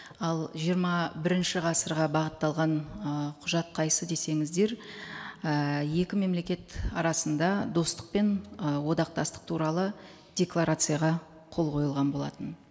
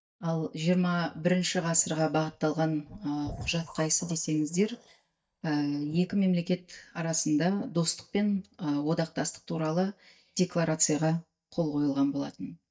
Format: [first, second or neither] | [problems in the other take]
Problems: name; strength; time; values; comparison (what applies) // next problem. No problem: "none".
first | noise reduction (neural mask model DeepFilterNet 3)